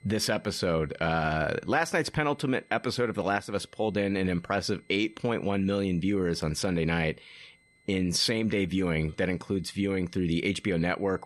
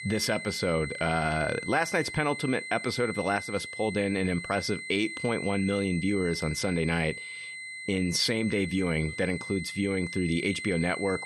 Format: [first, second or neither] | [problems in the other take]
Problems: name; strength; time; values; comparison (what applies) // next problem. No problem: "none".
first | high-pitched whine; loud; throughout; 2 kHz, 8 dB below the speech; faint in the first